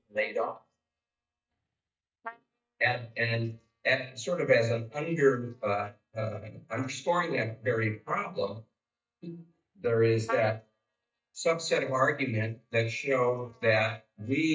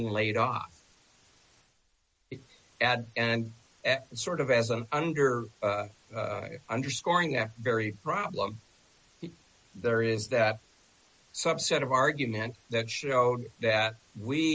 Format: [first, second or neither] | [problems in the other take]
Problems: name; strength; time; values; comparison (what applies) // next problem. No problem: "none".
second | noise reduction (neural mask model DeepFilterNet 3)